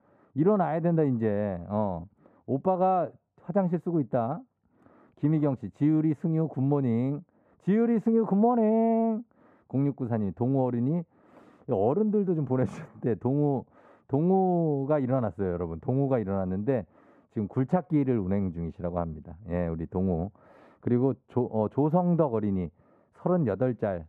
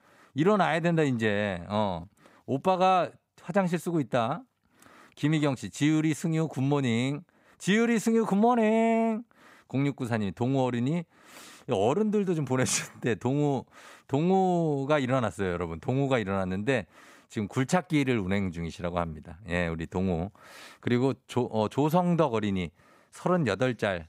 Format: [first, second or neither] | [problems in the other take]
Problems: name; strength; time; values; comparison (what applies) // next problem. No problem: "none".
second | muffled; very; fading above 2 kHz